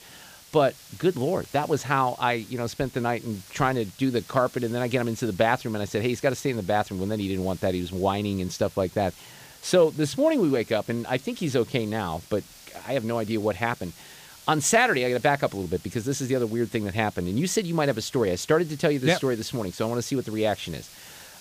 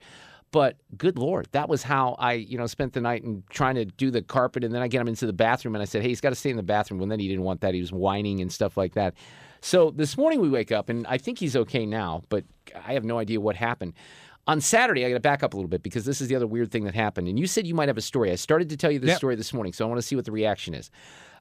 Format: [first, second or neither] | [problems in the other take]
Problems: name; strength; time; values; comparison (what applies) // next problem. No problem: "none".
second | hiss; faint; throughout; 20 dB below the speech